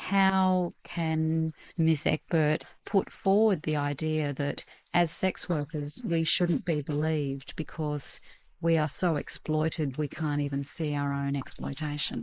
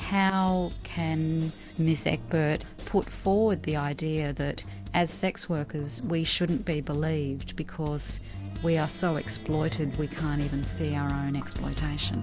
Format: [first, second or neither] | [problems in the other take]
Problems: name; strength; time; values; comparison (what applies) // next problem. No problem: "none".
second | noise reduction (neural mask model Resemble Enhance denoiser)